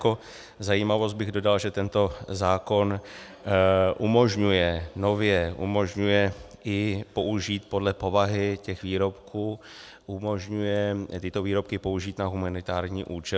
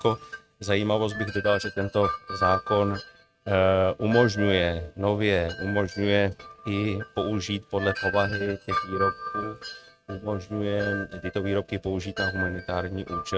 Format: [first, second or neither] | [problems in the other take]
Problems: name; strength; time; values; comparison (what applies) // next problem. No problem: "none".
first | noise reduction (neural mask model RNNoise)